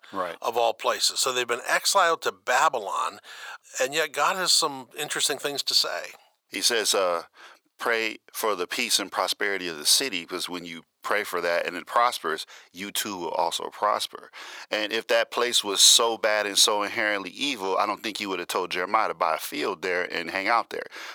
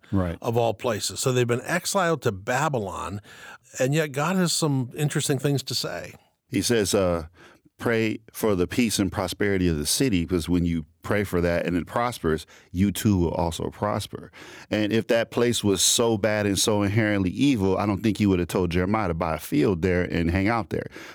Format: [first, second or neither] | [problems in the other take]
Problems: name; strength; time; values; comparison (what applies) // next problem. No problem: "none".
second | thin; very; fading below 700 Hz